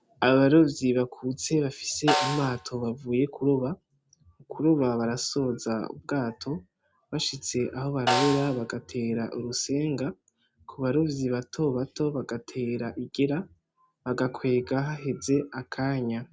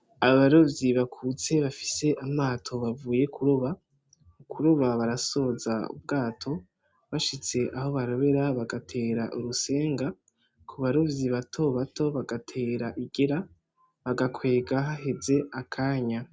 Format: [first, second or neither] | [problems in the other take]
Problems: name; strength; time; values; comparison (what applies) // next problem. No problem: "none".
second | background sound (Snare drum); 6 dB below the speech